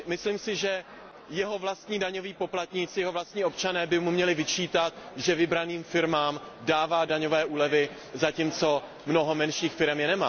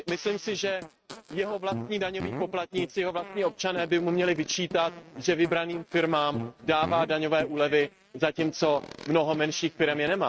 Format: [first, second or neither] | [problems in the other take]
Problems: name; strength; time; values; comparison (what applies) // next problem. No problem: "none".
first | noise reduction (neural mask model RNNoise)